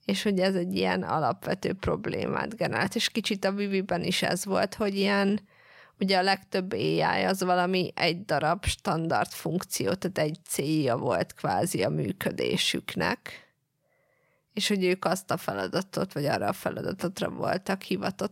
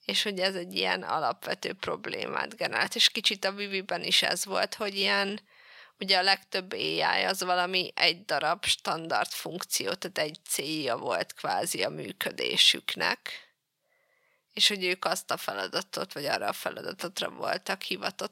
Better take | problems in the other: first | thin; somewhat; fading below 850 Hz

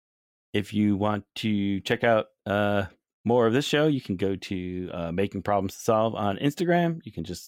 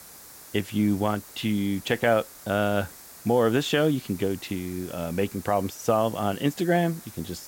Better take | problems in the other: first | hiss; noticeable; throughout; 15 dB below the speech

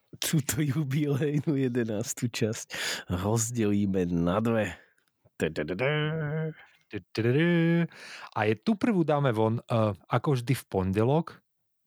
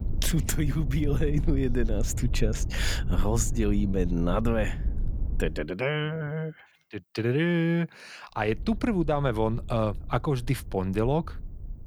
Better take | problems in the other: first | low rumble; noticeable; until 5.5 s and from 8.5 s on; 20 dB below the speech

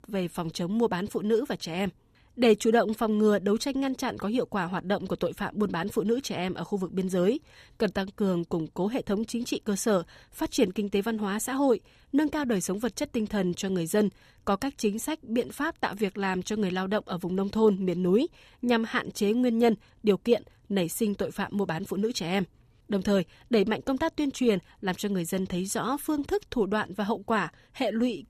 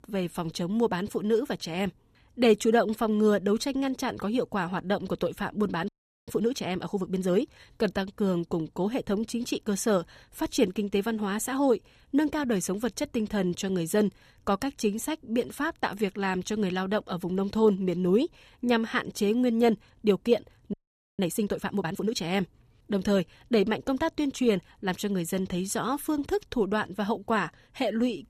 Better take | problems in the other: first | audio freezing; at 6 s and at 21 s

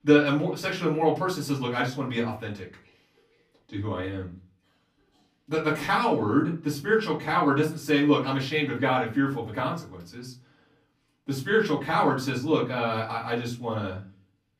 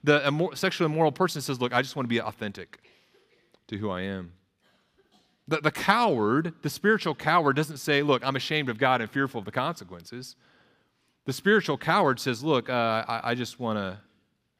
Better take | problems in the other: second | off-mic speech; far // room echo; slight; dies away in 0.3 s

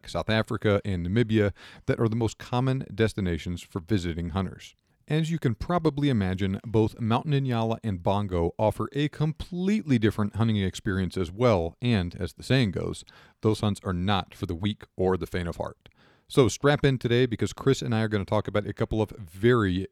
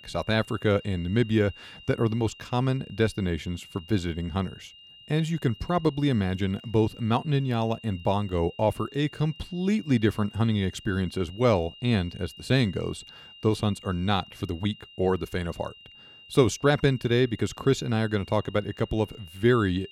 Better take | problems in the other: first | high-pitched whine; faint; throughout; 3 kHz, 20 dB below the speech

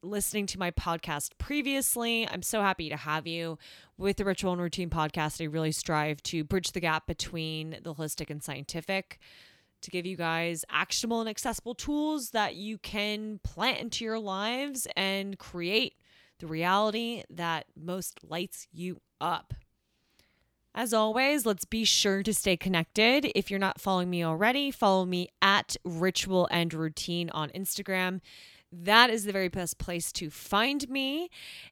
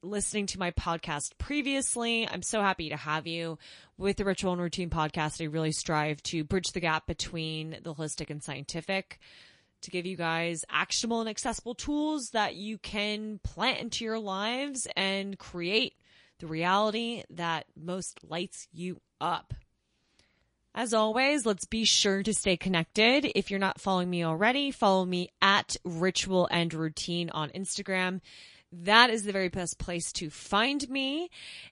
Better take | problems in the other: first | garbled, watery; slightly; nothing above 10.5 kHz

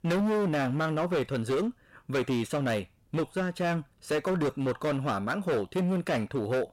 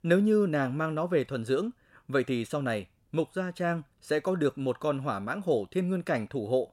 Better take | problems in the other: second | distortion; heavy; 20% of the sound clipped

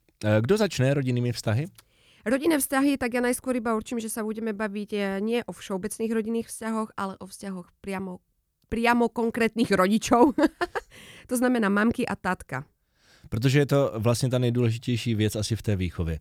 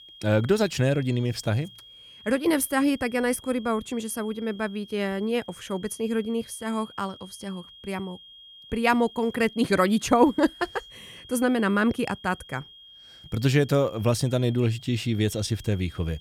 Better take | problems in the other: first | high-pitched whine; faint; throughout; 3.5 kHz, 20 dB below the speech

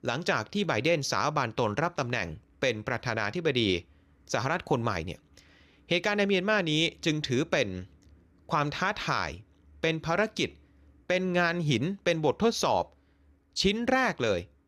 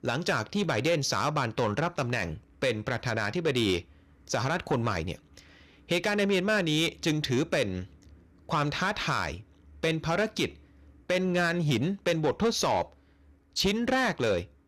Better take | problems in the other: first | distortion; slight; 10 dB below the speech

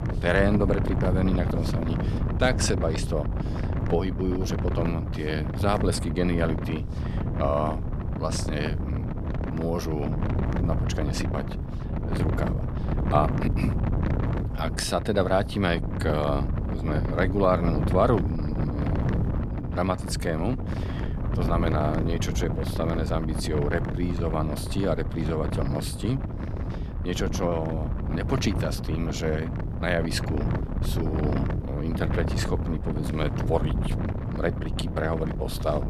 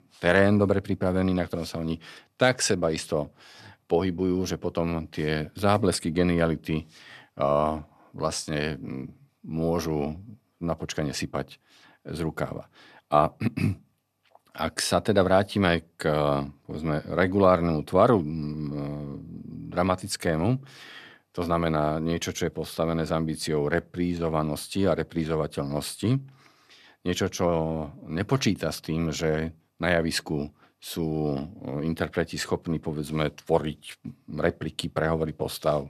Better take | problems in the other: second | wind noise on the microphone; heavy; 7 dB below the speech

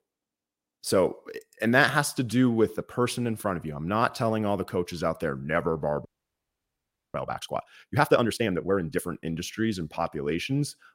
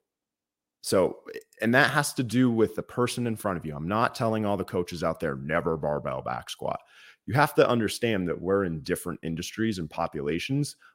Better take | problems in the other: second | audio freezing; at 6 s for 1 s

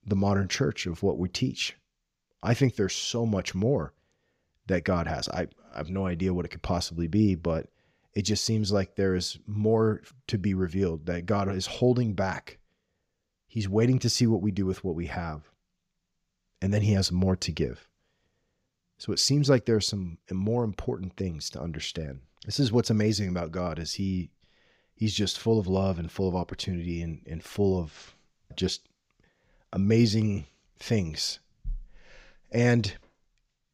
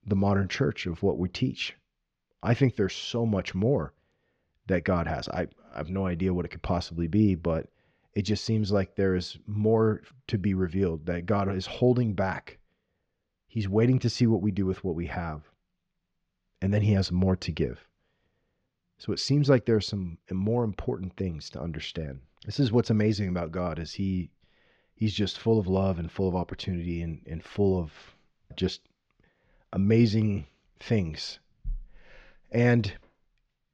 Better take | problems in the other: first | muffled; very slightly; fading above 3.5 kHz

